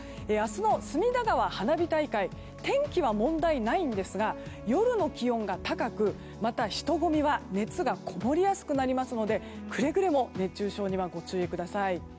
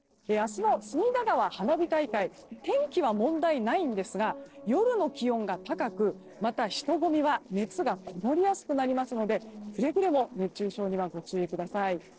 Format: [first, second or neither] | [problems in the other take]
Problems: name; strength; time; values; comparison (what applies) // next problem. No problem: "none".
first | noise reduction (neural separator model SepFormer DNS4)